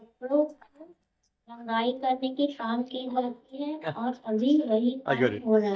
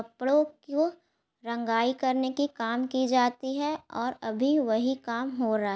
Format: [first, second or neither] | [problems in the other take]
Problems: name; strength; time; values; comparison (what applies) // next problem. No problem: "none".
second | noise reduction (neural mask model DeepFilterNet 3)